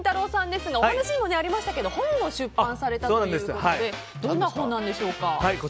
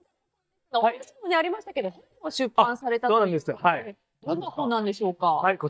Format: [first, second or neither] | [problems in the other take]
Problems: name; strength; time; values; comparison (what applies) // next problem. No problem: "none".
first | noise reduction (neural mask model DeepFilterNet 3)